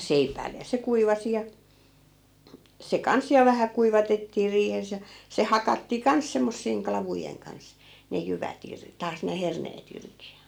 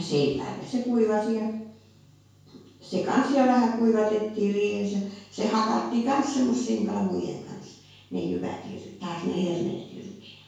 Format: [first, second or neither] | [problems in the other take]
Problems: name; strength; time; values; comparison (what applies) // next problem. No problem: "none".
first | room echo; dies away in 0.6 s